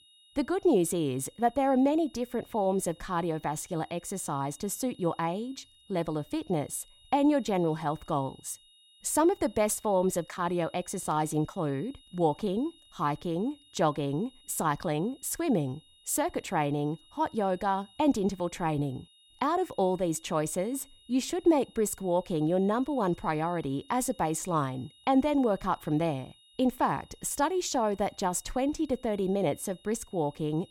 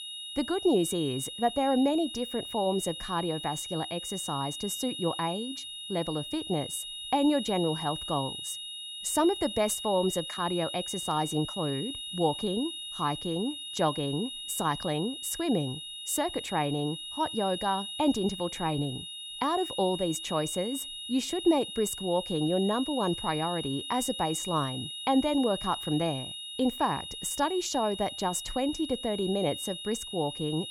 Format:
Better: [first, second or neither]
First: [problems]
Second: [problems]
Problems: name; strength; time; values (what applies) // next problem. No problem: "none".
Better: first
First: high-pitched whine; faint; throughout; 3.5 kHz, 25 dB below the speech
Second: high-pitched whine; loud; throughout; 3.5 kHz, 6 dB below the speech